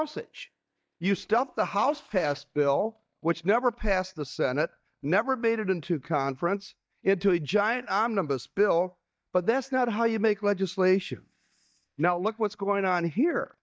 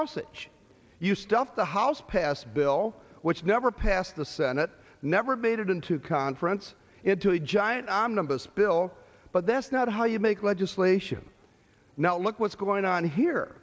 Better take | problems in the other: second | noise reduction (neural mask model DeepFilterNet 3)

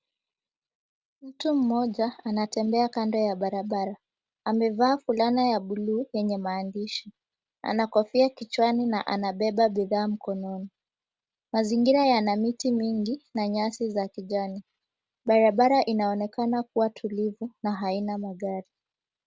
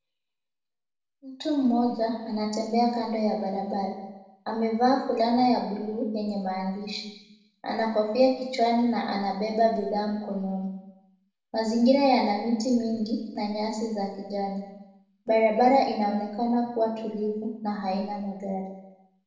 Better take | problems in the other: first | room echo; dies away in 0.8 s

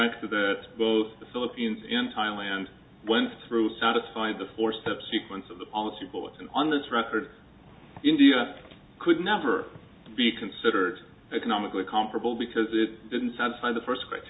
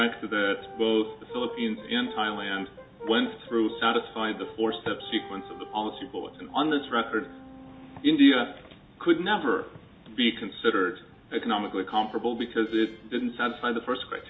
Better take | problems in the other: first | background sound (Brass instrument); 18 dB below the speech

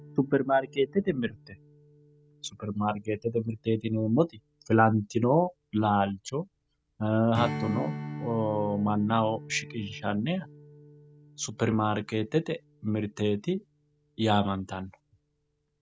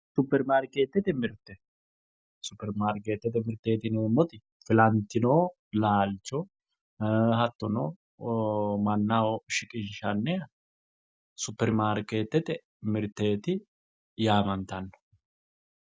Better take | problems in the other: second | background sound (Strum); 15 dB below the speech

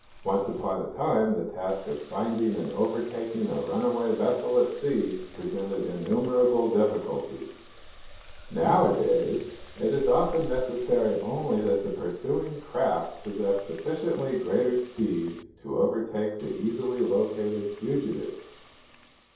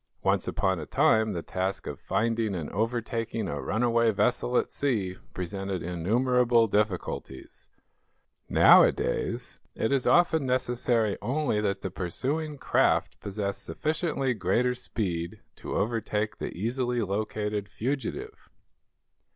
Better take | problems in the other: second | background sound (Water tap, faucet); 19 dB below the speech // room echo; dies away in 0.7 s

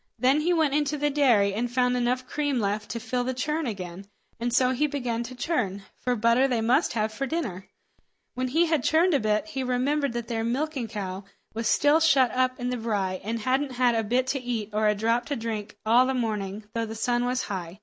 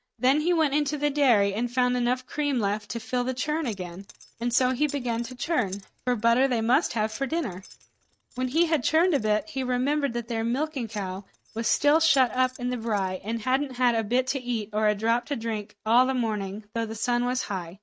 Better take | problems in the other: first | noise reduction (neural mask model RNNoise)

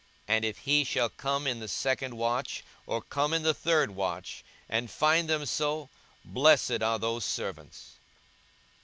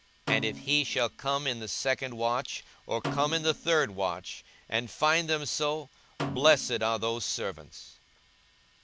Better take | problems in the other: first | background sound (Snare drum); 12 dB below the speech

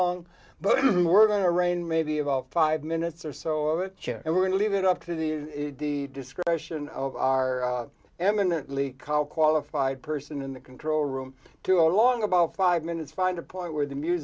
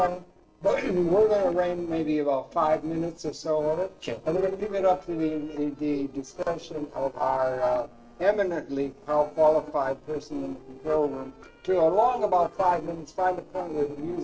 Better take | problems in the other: first | noise reduction (neural separator model SepFormer DNS4)

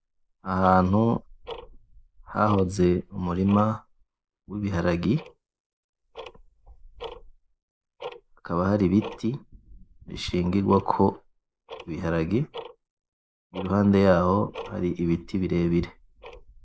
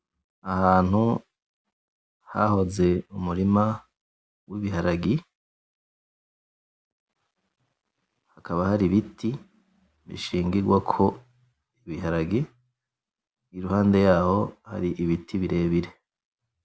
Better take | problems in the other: second | noise reduction (neural mask model Resemble Enhance denoiser)

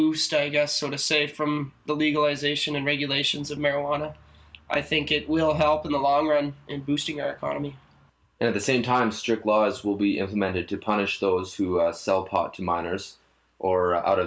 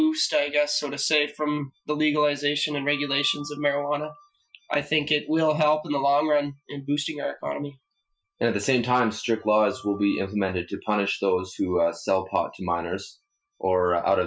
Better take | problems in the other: first | noise reduction (classical method Wiener filter)

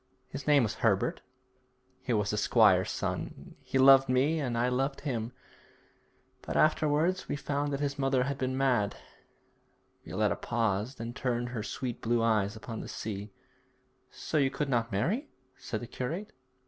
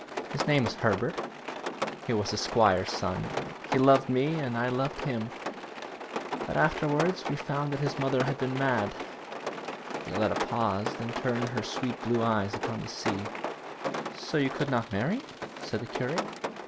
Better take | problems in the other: first | background sound (Rain); 6 dB below the speech

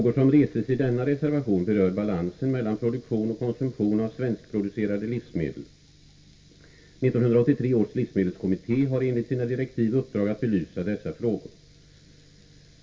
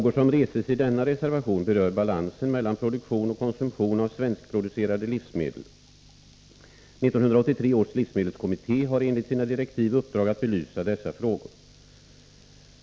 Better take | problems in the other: second | room echo; dies away in 0.1 s

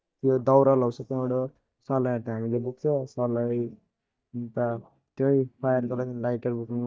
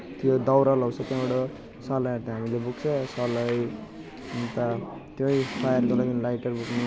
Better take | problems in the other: second | noise reduction (neural mask model DeepFilterNet 3)

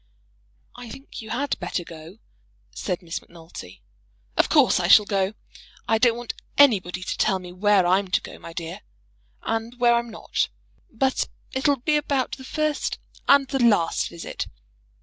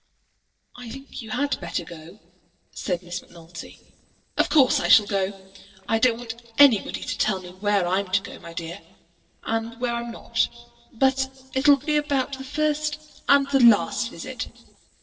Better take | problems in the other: first | noise reduction (neural separator model SepFormer DNS4)

